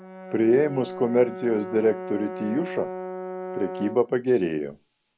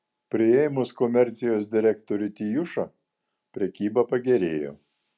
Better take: second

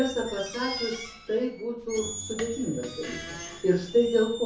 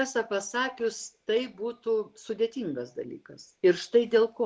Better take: second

